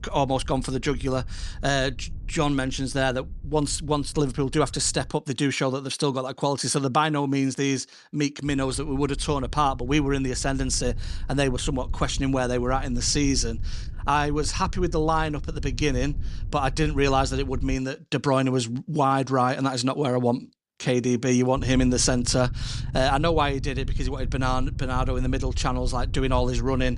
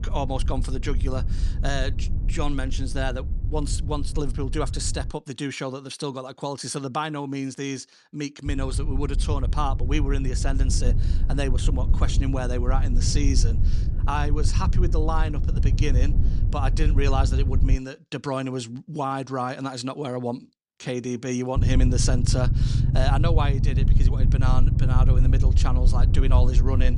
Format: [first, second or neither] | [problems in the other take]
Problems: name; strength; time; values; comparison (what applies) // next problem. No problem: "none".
first | low rumble; loud; until 5 s, from 8.5 to 18 s and from 22 s on; 9 dB below the speech; faint in the first